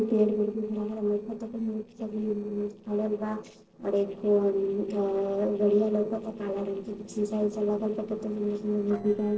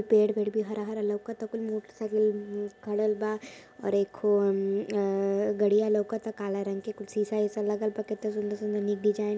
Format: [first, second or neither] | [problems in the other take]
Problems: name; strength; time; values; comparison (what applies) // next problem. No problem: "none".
second | noise reduction (neural separator model SepFormer DNS4)